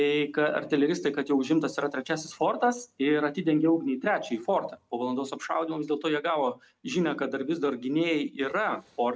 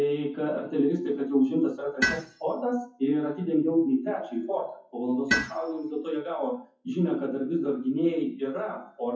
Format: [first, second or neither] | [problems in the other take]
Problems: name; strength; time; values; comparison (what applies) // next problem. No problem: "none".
first | noise reduction (classical method WPE with log-MMSE)